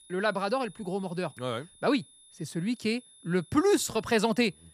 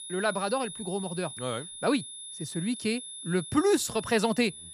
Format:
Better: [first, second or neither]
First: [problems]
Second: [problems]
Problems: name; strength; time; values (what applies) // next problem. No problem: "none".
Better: first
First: high-pitched whine; faint; throughout; 10 kHz, 25 dB below the speech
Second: high-pitched whine; loud; throughout; 10 kHz, 10 dB below the speech